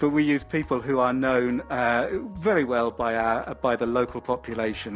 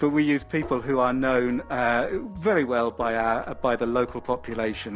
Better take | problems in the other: first | background sound (Gong); 17 dB below the speech

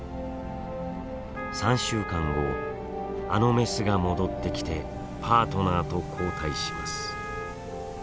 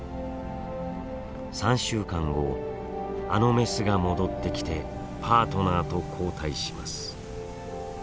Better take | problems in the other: second | background sound (Wind instrument, woodwind instrument); 10 dB below the speech

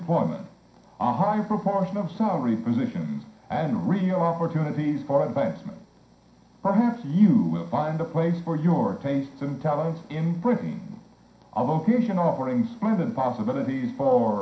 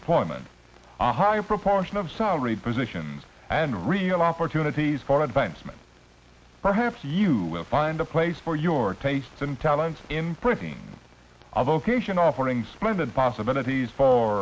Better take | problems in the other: second | room echo; dies away in 0.5 s

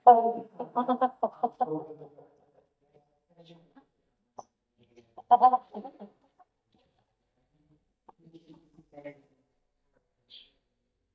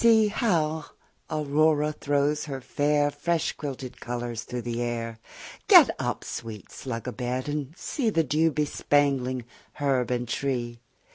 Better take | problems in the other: second | noise reduction (neural mask model DeepFilterNet 3)

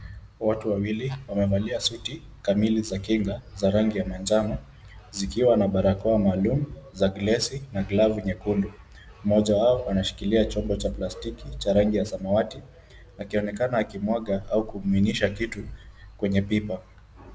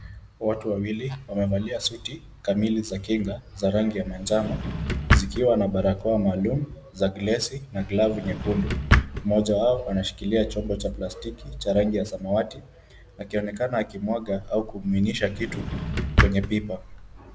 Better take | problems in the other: first | background sound (Drawer open or close); as loud as the speech

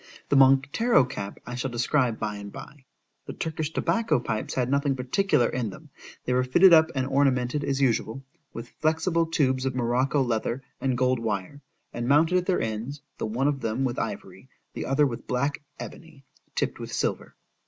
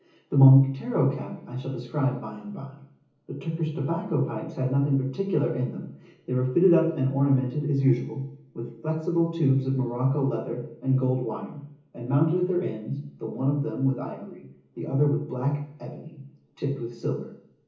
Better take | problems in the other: first | room echo; dies away in 0.7 s

